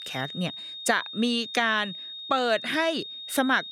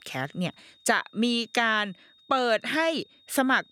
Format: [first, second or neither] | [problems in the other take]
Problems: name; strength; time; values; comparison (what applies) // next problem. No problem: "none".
second | high-pitched whine; loud; throughout; 3.5 kHz, 9 dB below the speech; faint in the second